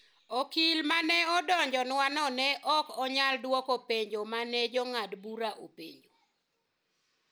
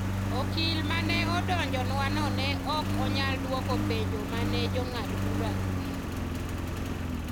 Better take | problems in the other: first | background sound (Engine); 5 dB above the speech

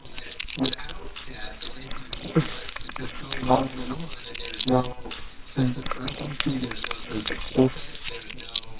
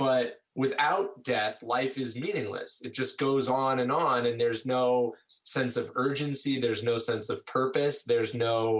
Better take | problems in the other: second | noise reduction (neural separator model SepFormer WHAMR!)

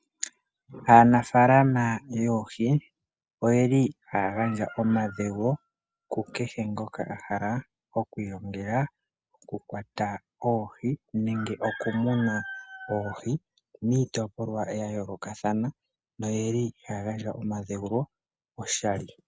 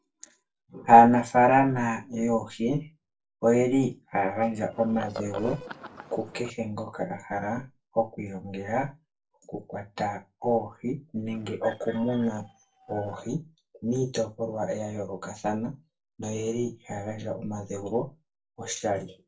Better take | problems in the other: first | noise reduction (neural separator model SepFormer DNS4)

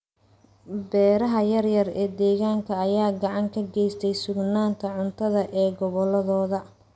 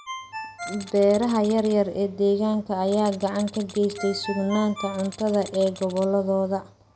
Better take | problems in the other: first | background sound (Ringtone + Tools); 16 dB below the speech

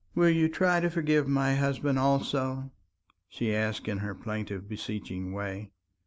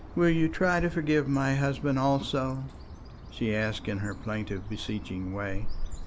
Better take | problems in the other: first | background sound (Bird); 8 dB below the speech

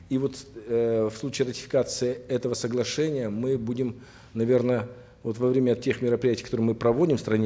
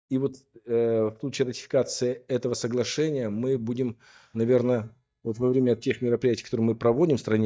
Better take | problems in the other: first | noise reduction (neural mask model DeepFilterNet 3)

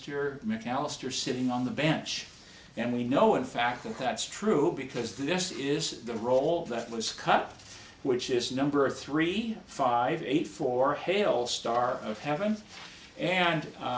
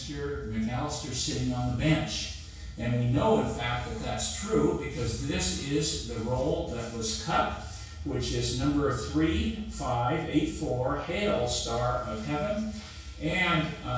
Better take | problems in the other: first | room echo; dies away in 0.6 s

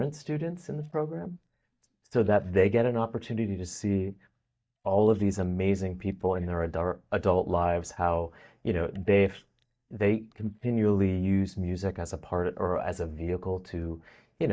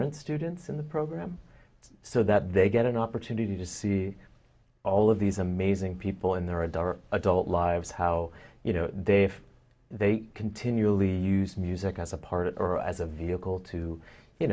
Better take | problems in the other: second | noise reduction (neural mask model DeepFilterNet 3)

